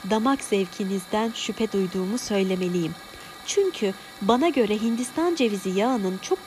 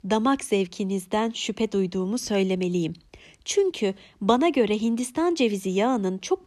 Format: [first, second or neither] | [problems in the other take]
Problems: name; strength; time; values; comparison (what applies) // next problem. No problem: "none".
second | hiss; noticeable; throughout; 15 dB below the speech